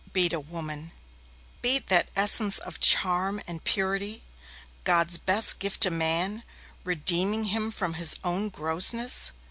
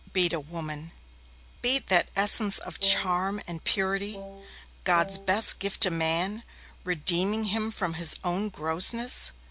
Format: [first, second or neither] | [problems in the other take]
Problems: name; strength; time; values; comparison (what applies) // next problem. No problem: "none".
first | background sound (Wind instrument, woodwind instrument); 13 dB below the speech